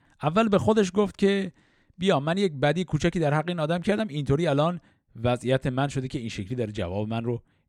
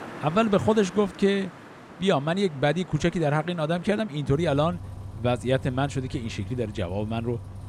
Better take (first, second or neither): first